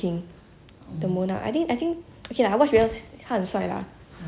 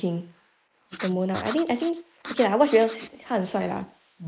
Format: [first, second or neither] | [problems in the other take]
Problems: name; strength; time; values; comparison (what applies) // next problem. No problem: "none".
first | noise reduction (neural mask model Resemble Enhance denoiser)